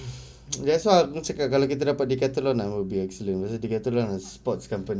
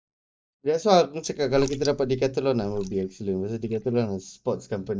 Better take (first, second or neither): first